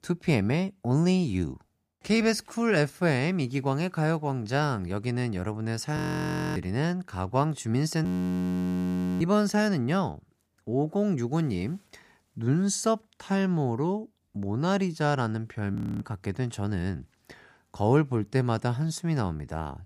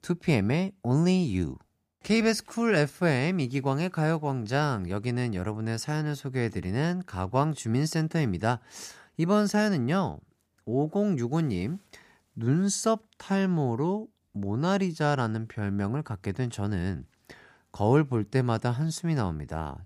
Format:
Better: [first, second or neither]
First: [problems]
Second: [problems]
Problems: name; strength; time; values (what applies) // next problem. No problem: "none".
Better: second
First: audio freezing; at 6 s for 0.5 s, at 8 s for 1 s and at 16 s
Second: none